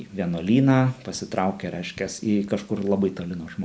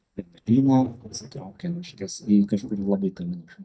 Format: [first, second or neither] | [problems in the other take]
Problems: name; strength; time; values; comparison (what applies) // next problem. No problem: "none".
first | noise reduction (neural mask model DeepFilterNet 3)